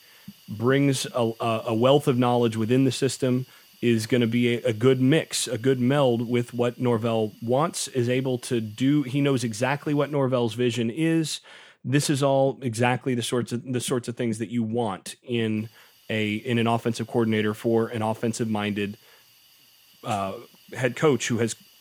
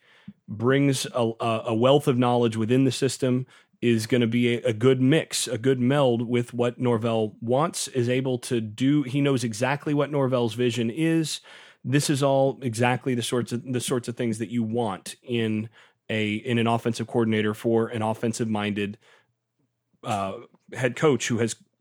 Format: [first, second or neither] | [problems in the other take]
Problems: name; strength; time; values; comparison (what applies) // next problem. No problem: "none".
second | hiss; faint; until 10 s and from 16 s on; 30 dB below the speech